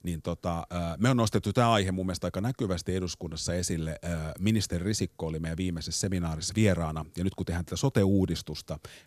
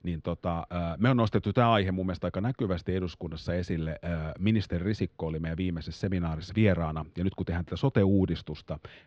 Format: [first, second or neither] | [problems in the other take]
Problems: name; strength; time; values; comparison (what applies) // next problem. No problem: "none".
first | muffled; slightly; fading above 3.5 kHz